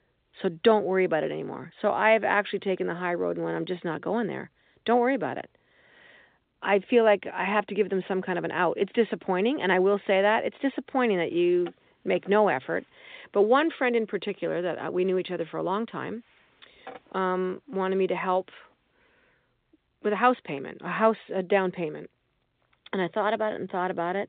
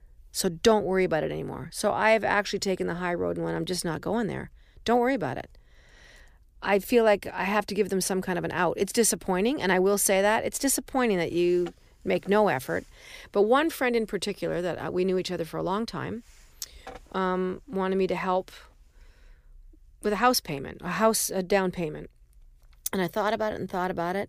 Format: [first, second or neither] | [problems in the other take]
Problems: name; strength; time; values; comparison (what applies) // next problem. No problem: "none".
second | phone-call audio; nothing above 4 kHz